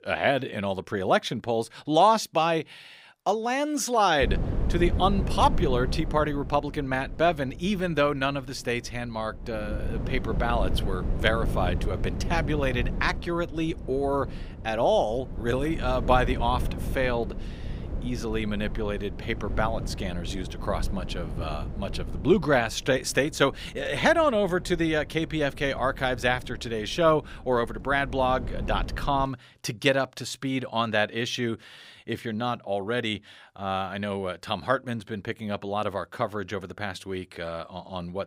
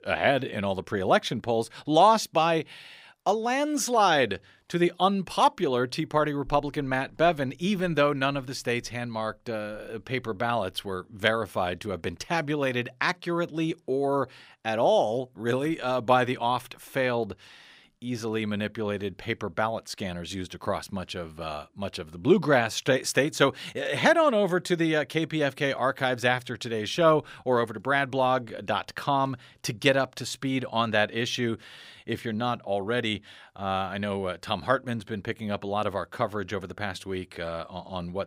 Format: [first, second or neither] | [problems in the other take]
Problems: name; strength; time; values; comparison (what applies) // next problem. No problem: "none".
second | wind noise on the microphone; occasional gusts; from 4 to 29 s; 15 dB below the speech